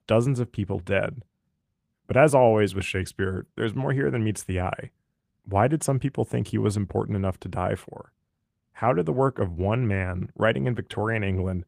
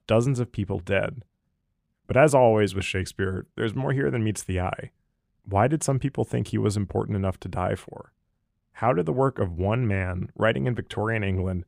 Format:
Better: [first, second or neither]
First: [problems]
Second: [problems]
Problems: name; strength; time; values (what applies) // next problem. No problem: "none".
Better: second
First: garbled, watery; slightly; nothing above 15 kHz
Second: none